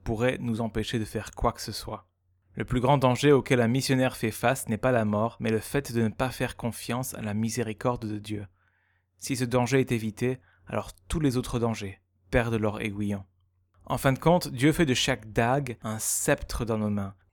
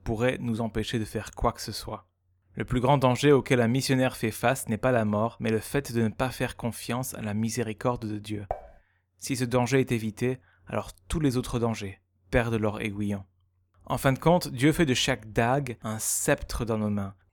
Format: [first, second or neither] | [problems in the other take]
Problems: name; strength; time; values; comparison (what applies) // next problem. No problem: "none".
first | clattering dishes; faint; at 8.5 s; peak 10 dB below the speech